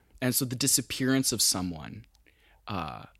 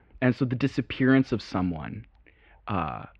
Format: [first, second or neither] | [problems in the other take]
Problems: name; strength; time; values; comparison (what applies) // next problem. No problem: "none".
first | muffled; very; fading above 2.5 kHz